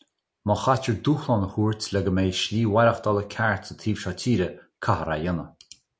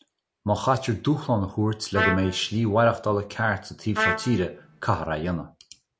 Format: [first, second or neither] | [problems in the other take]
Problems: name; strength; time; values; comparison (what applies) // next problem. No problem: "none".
first | background sound (Trumpet); 3 dB below the speech